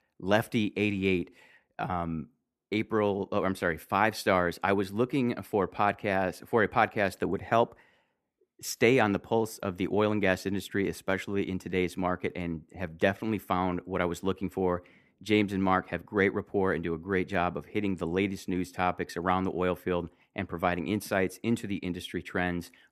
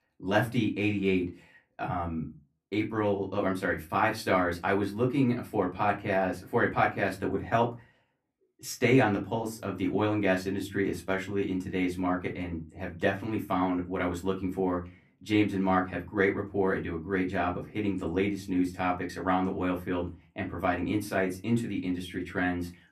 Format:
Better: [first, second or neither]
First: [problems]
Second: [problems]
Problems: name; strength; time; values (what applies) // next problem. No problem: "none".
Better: first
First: none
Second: off-mic speech; far // room echo; very slight; dies away in 0.2 s